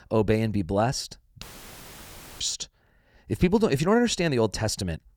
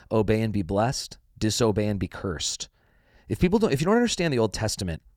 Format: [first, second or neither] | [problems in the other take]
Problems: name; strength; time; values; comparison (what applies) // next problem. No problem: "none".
second | audio cutting out; filled with static; at 1.5 s for 1 s